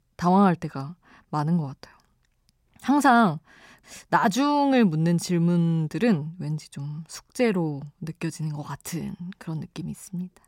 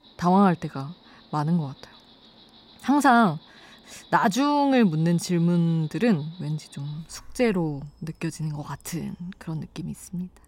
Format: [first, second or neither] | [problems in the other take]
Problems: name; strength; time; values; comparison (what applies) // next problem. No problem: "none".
first | animal sounds; faint; throughout; 30 dB below the speech